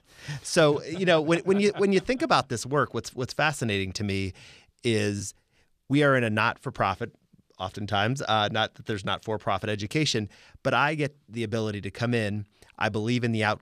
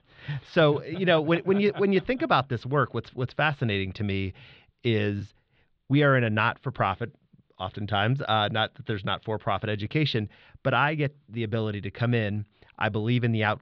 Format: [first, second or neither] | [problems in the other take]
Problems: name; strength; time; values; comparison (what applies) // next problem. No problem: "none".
first | muffled; slightly; fading above 3.5 kHz